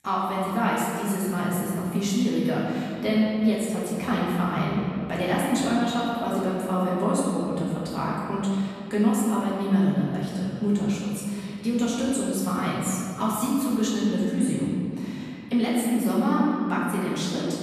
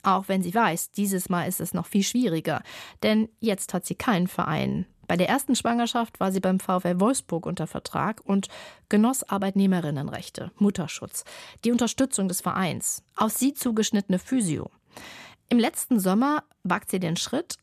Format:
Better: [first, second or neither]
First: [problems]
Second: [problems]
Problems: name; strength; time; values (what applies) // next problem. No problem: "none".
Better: second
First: room echo; strong; dies away in 2.5 s // off-mic speech; far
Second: none